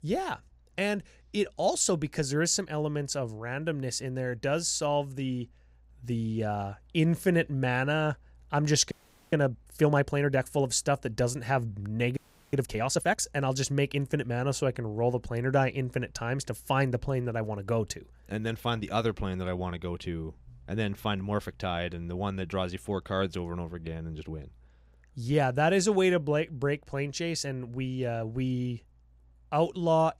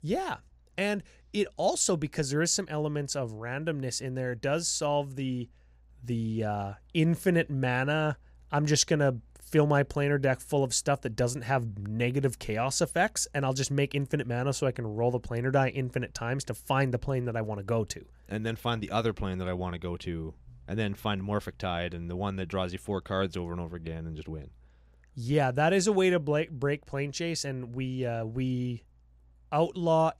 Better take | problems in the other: second | audio freezing; at 9 s and at 12 s

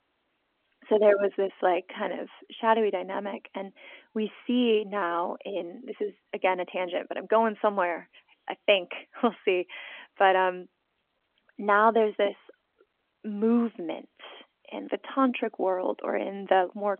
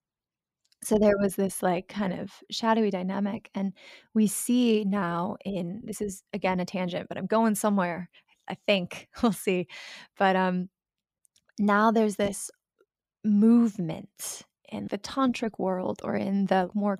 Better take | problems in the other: second | phone-call audio; nothing above 3.5 kHz

